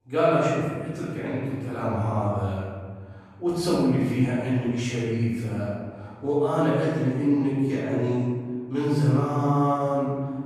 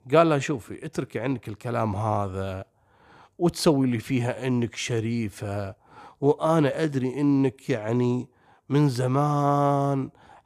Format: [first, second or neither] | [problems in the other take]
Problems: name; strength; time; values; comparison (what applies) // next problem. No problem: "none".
second | off-mic speech; far // room echo; strong; dies away in 1.6 s